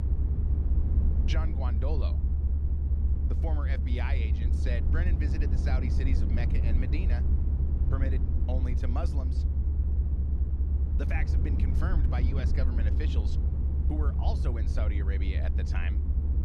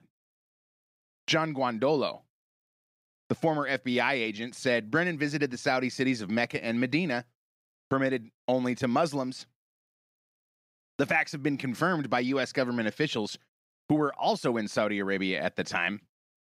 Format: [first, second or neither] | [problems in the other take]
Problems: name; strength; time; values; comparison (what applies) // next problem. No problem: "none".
second | low rumble; loud; throughout; 3 dB below the speech